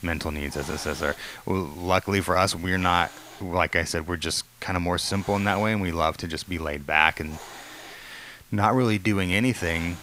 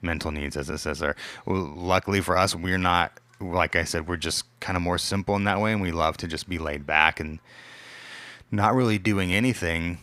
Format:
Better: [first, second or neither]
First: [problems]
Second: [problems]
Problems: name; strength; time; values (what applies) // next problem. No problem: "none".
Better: second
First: hiss; noticeable; throughout; 20 dB below the speech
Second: none